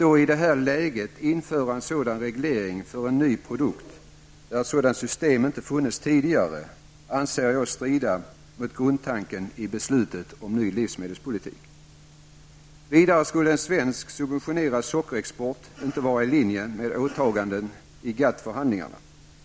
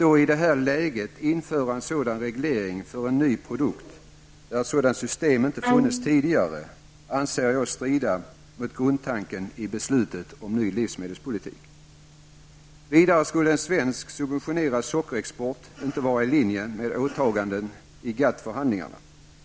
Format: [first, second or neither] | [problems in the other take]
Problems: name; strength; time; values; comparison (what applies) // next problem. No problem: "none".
first | background sound (Bowed string instrument); 2 dB below the speech